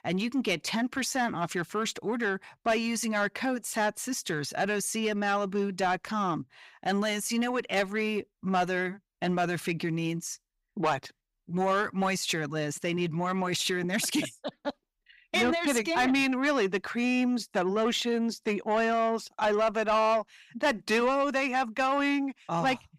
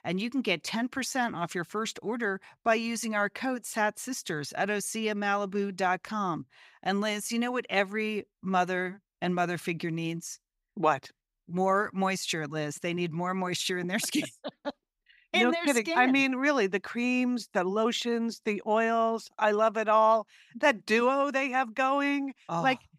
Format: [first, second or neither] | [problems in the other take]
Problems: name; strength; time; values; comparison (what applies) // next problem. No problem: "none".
second | distortion; slight; 10 dB below the speech